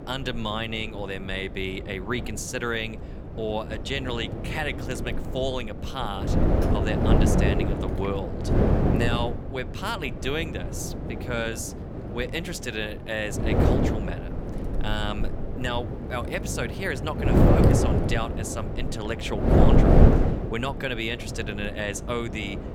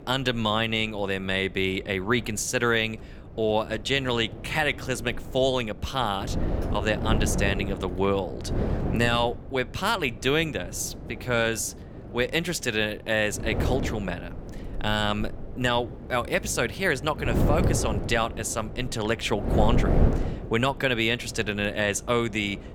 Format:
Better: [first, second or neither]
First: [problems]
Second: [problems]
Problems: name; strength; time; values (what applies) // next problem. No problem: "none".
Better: second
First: wind noise on the microphone; heavy; as loud as the speech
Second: wind noise on the microphone; occasional gusts; 10 dB below the speech